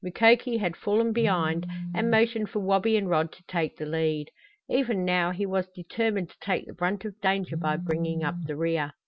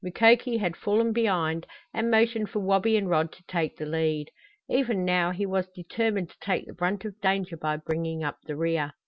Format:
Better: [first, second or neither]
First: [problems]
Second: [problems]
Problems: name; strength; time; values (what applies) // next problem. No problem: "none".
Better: second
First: background sound (Telephone); 6 dB below the speech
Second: none